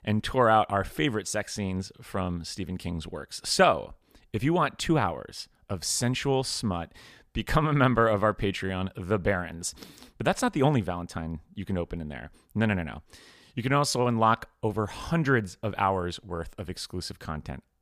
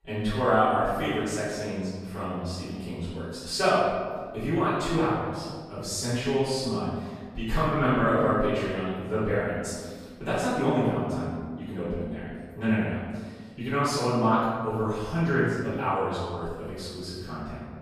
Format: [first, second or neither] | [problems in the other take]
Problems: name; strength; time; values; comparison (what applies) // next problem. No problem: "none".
first | off-mic speech; far // room echo; strong; dies away in 1.5 s